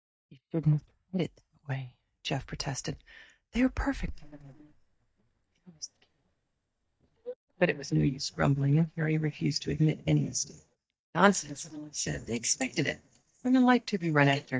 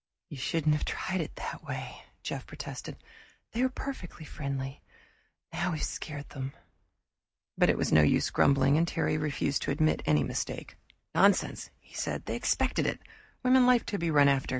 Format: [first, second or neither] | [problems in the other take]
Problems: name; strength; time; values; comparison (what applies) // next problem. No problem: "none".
second | noise reduction (neural mask model DeepFilterNet 3)